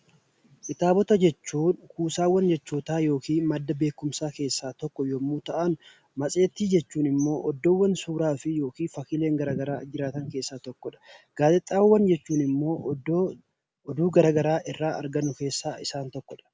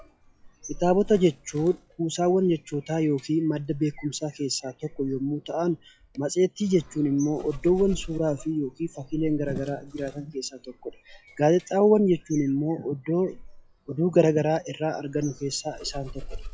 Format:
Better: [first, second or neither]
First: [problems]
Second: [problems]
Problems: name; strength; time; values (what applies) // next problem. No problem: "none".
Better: first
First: none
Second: noise reduction (classical method log-MMSE)